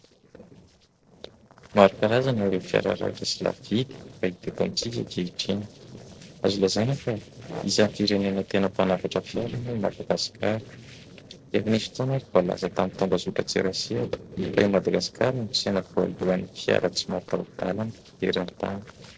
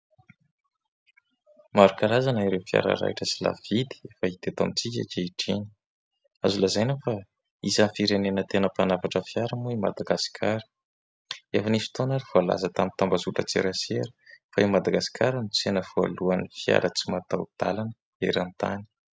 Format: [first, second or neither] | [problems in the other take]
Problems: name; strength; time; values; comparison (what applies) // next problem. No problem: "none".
second | noise reduction (neural separator model SepFormer DNS4)